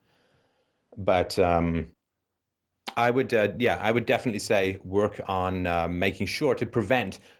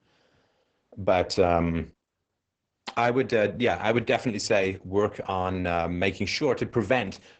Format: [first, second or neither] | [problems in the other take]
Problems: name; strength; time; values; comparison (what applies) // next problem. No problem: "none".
first | garbled, watery; badly; nothing above 8 kHz; slightly in the first